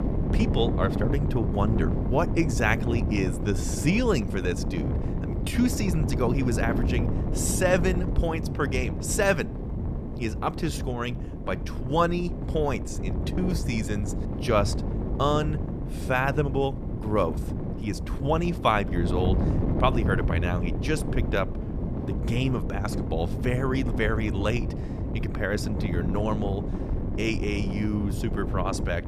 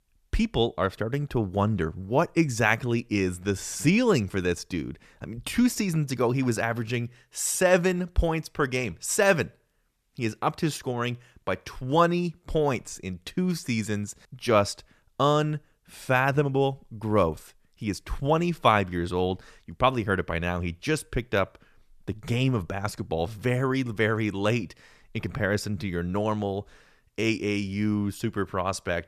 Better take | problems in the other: second | wind noise on the microphone; heavy; 8 dB below the speech

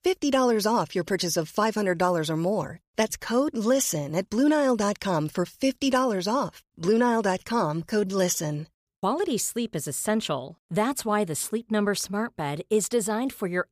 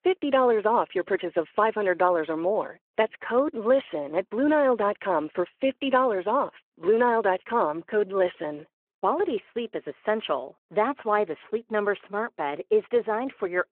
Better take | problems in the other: first | phone-call audio

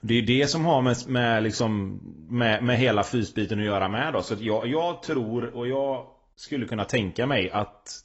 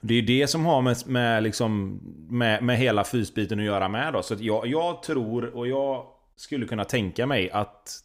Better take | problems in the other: second | garbled, watery; badly; nothing above 7.5 kHz

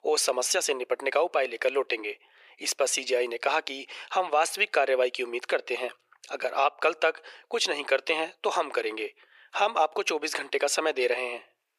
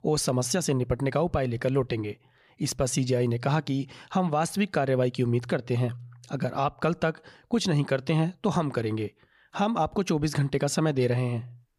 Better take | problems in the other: second | thin; very; fading below 400 Hz

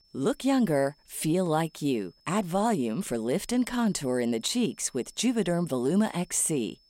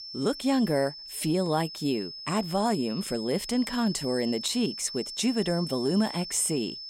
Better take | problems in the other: first | high-pitched whine; loud; throughout; 5 kHz, 9 dB below the speech; faint in the first

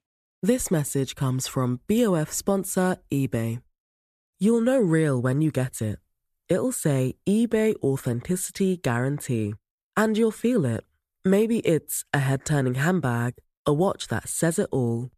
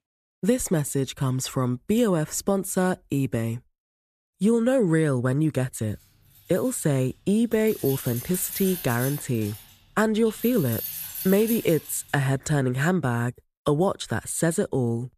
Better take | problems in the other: first | jangling keys; noticeable; from 6.5 to 12 s; peak 5 dB below the speech

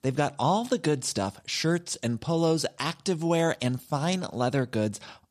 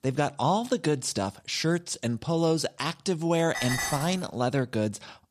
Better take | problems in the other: first | clattering dishes; noticeable; at 3.5 s; peak 1 dB below the speech

